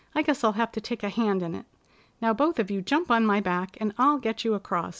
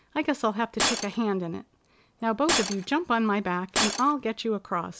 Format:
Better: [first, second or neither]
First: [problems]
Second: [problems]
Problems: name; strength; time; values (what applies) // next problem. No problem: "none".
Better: first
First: none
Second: background sound (Shatter); 3 dB below the speech